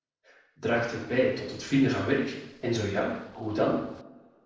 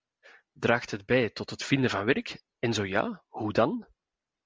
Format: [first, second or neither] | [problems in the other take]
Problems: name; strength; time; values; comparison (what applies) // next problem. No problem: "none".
second | noise reduction (neural separator model SepFormer DNS4)